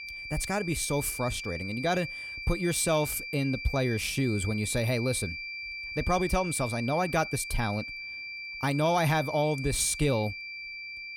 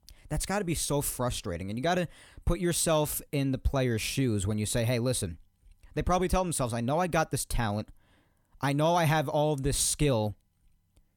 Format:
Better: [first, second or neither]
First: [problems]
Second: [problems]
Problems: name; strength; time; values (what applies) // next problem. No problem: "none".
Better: second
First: high-pitched whine; loud; throughout; 2.5 kHz, 7 dB below the speech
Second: none